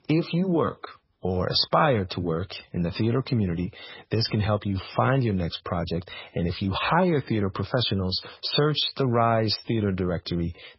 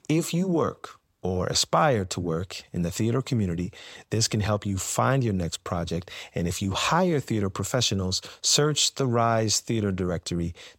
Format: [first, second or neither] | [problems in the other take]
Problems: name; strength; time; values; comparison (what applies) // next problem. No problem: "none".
second | garbled, watery; badly; nothing above 5.5 kHz